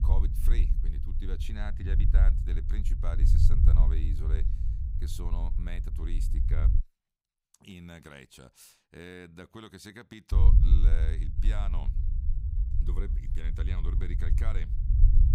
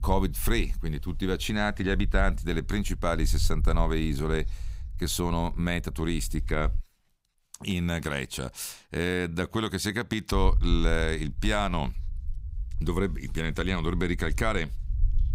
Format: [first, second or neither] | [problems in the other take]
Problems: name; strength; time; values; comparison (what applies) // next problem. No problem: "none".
second | low rumble; loud; until 7 s and from 10 s on; 2 dB below the speech; faint in the second